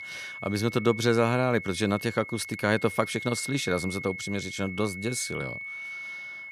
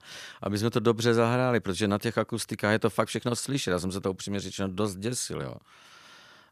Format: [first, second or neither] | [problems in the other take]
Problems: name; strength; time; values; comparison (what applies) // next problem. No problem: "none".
second | high-pitched whine; loud; throughout; 2 kHz, 9 dB below the speech